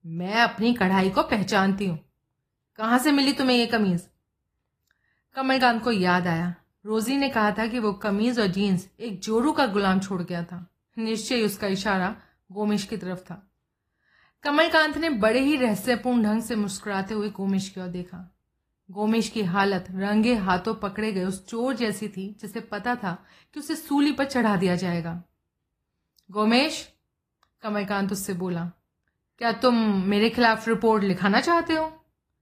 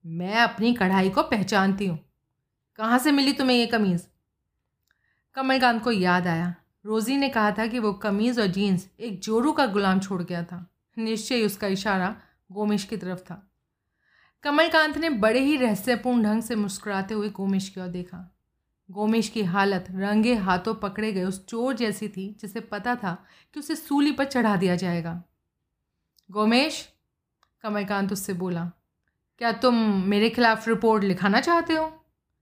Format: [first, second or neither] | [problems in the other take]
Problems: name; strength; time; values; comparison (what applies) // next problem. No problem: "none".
second | garbled, watery; slightly; nothing above 14.5 kHz